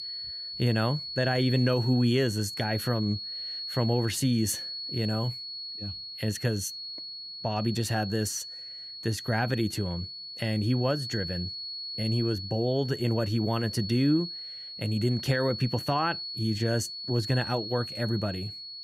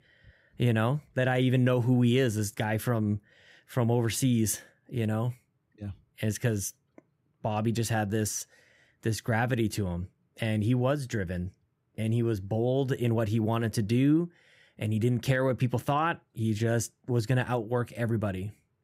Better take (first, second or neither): second